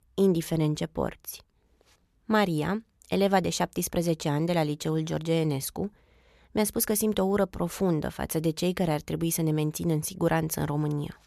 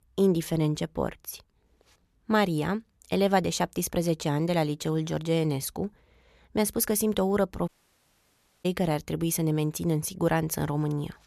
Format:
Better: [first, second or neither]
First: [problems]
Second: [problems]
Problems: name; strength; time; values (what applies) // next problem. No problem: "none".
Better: first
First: none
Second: audio cutting out; at 7.5 s for 1 s